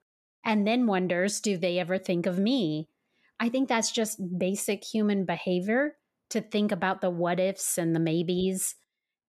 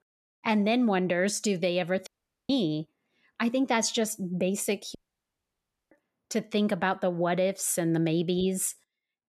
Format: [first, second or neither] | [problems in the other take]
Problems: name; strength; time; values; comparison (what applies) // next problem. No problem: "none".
first | audio cutting out; at 2 s and at 5 s for 1 s